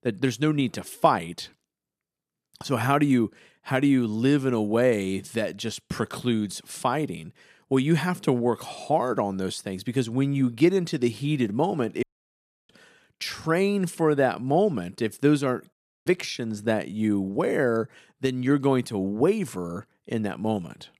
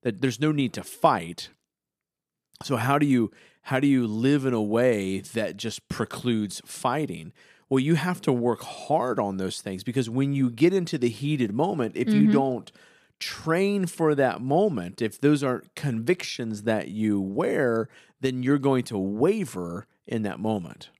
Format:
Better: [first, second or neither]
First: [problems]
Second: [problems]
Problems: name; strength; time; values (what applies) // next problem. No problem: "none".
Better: second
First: audio cutting out; at 12 s for 0.5 s and at 16 s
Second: none